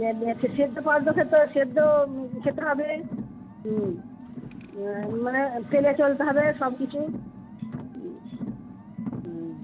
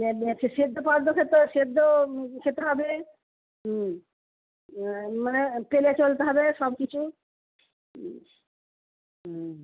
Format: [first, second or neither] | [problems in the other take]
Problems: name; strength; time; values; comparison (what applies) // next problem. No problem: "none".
second | background sound (Car); 11 dB below the speech